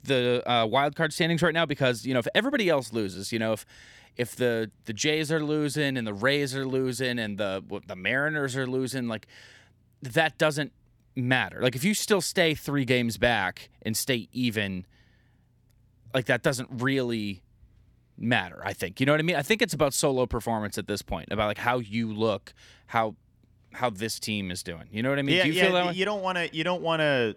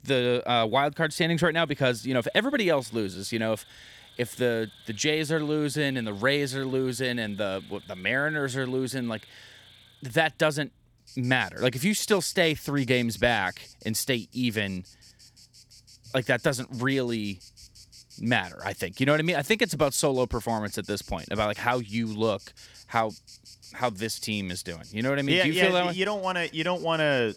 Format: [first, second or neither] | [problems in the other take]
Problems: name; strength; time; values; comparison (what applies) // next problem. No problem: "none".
first | animal sounds; faint; throughout; 25 dB below the speech